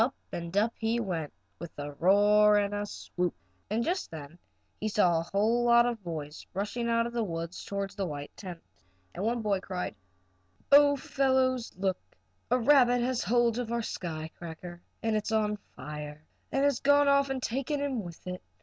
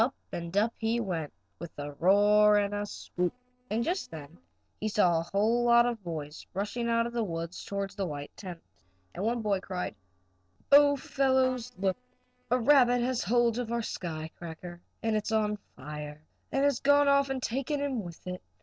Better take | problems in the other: first | noise reduction (neural separator model SepFormer DNS4)

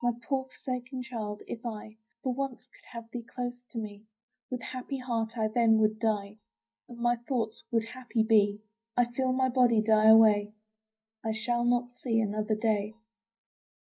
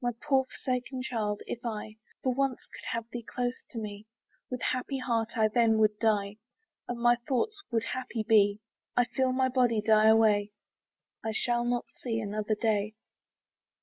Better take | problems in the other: second | noise reduction (neural mask model DeepFilterNet 3)

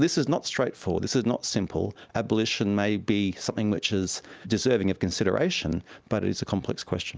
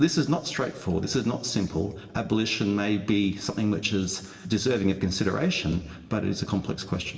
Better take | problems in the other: first | room echo; dies away in 1 s

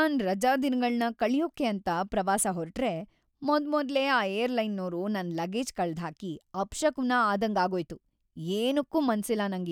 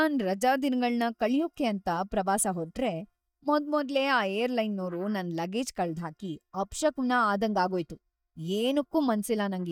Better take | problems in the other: first | noise reduction (neural mask model DeepFilterNet 3)

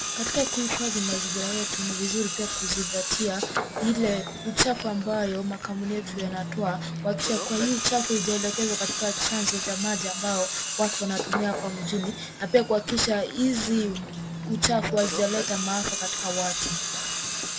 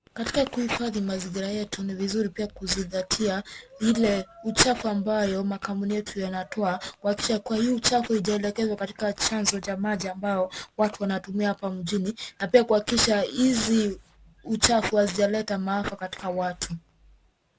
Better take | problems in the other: second | background sound (Tools); 3 dB below the speech

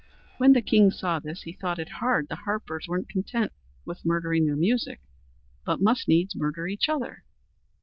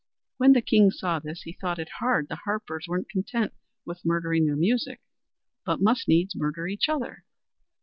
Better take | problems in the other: second | noise reduction (neural diffusion model UNIVERSE++)

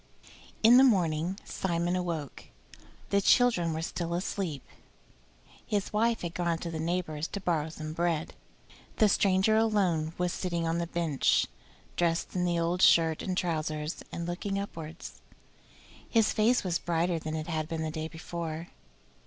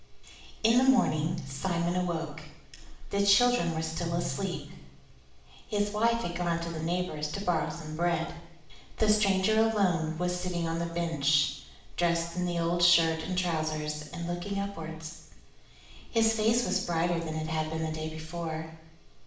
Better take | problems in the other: first | background sound (Piano); 13 dB below the speech // room echo; dies away in 0.7 s

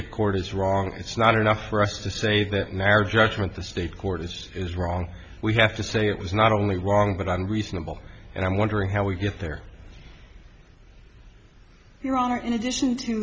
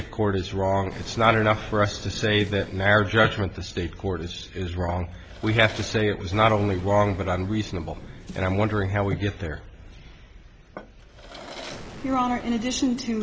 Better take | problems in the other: first | background sound (Explosion + Drawer open or close); 16 dB below the speech

